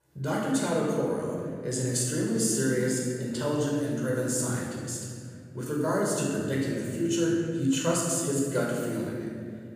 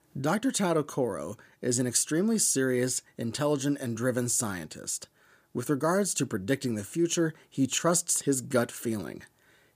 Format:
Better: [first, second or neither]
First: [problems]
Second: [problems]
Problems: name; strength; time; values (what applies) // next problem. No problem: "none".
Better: second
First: off-mic speech; far // room echo; strong; dies away in 2.5 s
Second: none